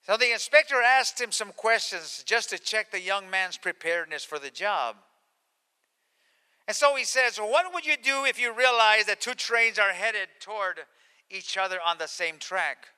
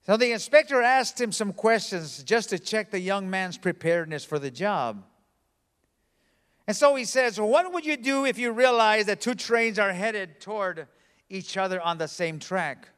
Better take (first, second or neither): second